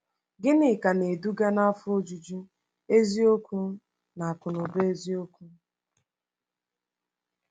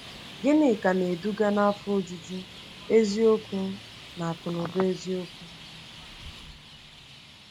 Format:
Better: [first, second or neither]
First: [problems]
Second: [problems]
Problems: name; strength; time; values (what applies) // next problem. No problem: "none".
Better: first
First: none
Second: background sound (Traffic noise, roadway noise); 17 dB below the speech